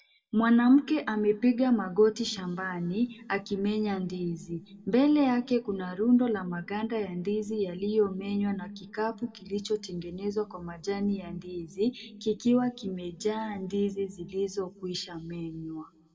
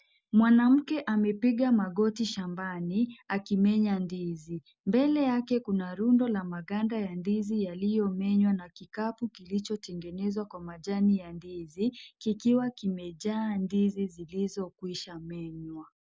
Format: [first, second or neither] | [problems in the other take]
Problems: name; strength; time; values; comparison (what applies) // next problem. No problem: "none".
second | room echo; dies away in 0.8 s